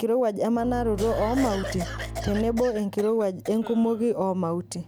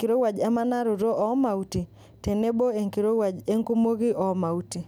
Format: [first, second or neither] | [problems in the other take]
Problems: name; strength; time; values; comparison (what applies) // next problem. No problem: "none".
second | background sound (Bowed string instrument + Cough); 10 dB below the speech